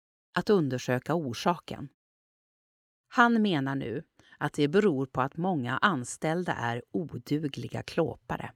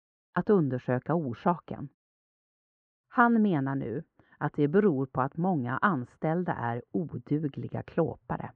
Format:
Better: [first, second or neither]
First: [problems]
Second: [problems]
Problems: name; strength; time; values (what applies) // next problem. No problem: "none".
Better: first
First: none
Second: muffled; very; fading above 1 kHz